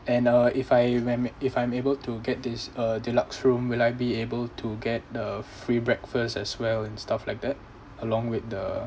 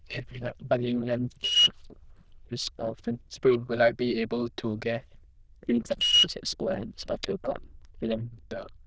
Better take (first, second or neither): first